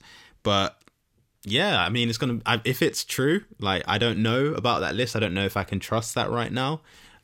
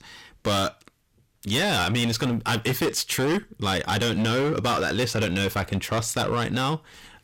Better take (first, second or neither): first